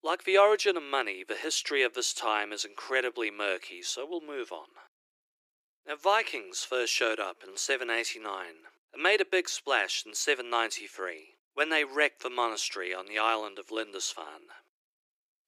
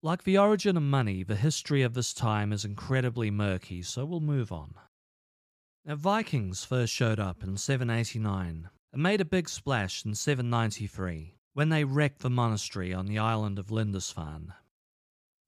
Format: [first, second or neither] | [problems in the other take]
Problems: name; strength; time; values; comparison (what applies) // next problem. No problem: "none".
second | thin; very; fading below 350 Hz